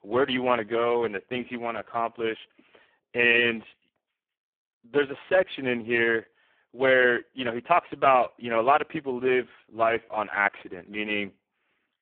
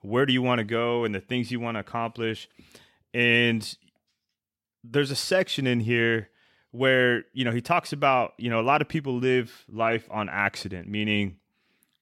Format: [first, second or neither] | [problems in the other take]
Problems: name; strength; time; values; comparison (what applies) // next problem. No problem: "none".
second | phone-call audio; poor line